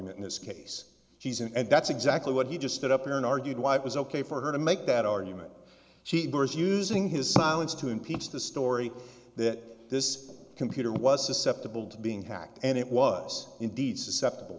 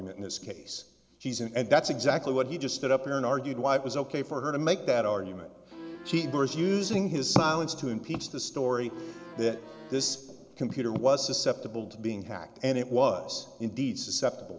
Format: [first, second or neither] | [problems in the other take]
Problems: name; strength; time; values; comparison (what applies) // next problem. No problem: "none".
first | background sound (Accordion); 15 dB below the speech